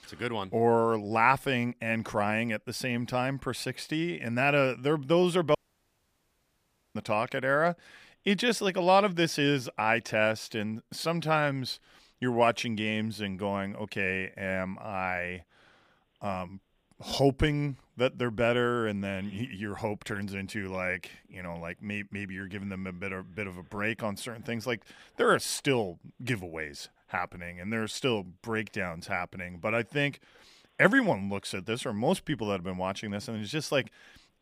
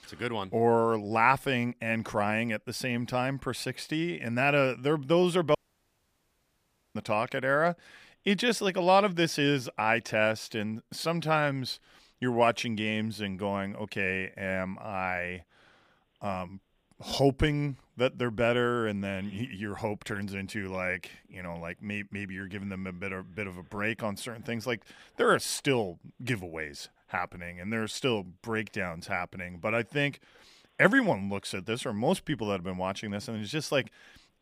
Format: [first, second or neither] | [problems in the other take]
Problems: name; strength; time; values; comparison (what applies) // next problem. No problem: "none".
neither | audio cutting out; at 5.5 s for 1.5 s; the same in both